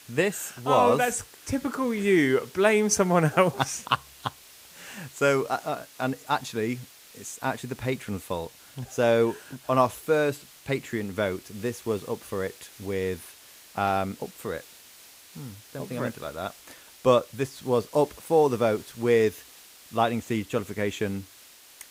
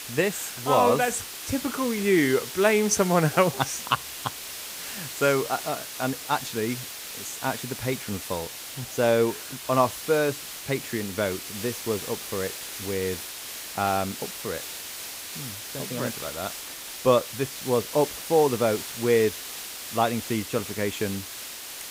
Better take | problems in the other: first | hiss; loud; throughout; 8 dB below the speech; faint in the first

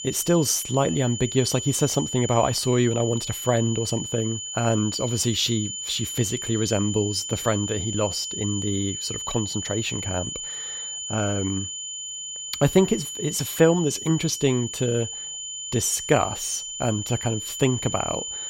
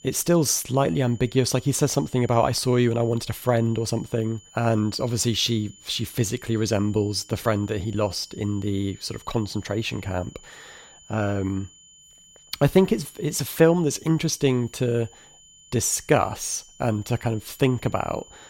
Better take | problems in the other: second | high-pitched whine; loud; throughout; 7 kHz, 6 dB below the speech; faint in the second

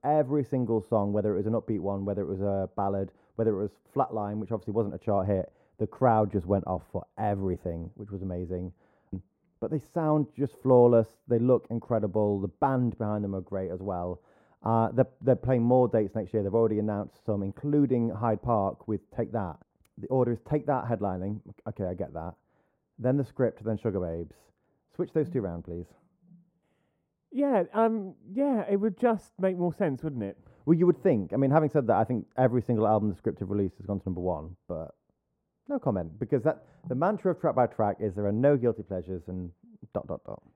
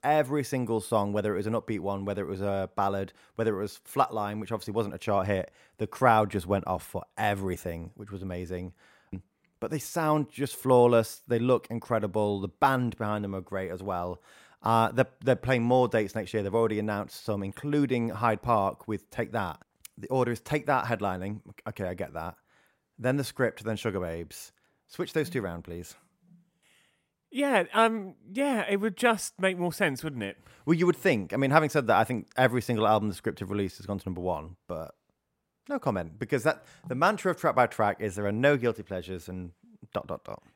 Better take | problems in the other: second | muffled; very; fading above 1.5 kHz

